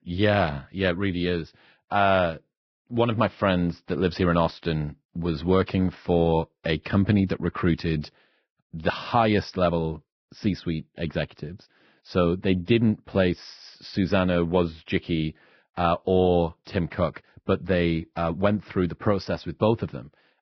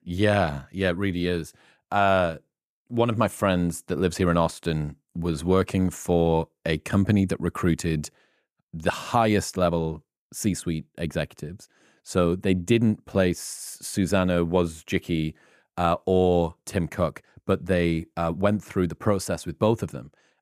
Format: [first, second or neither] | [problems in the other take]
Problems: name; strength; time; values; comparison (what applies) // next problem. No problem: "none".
second | garbled, watery; badly; nothing above 5.5 kHz